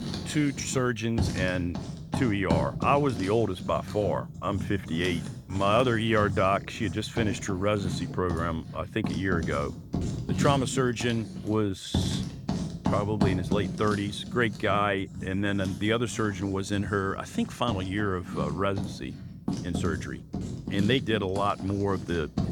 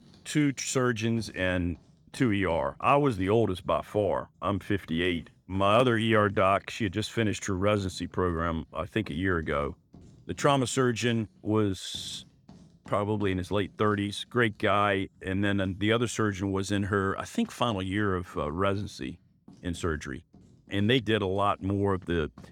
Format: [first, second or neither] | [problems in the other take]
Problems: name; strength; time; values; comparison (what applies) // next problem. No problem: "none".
second | household noises; loud; throughout; 6 dB below the speech; faint in the second